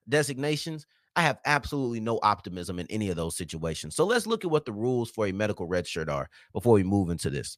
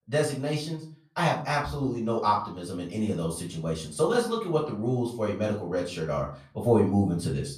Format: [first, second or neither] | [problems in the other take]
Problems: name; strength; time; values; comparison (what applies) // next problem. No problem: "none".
first | off-mic speech; far // room echo; slight; dies away in 0.4 s